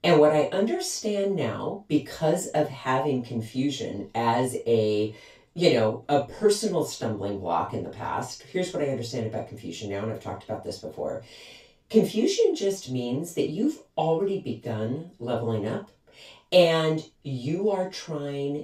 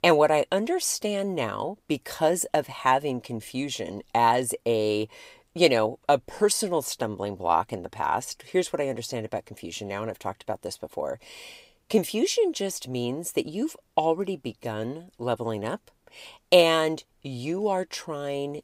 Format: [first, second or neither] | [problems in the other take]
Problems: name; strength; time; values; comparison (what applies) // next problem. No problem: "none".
second | room echo; noticeable; dies away in 0.2 s // off-mic speech; far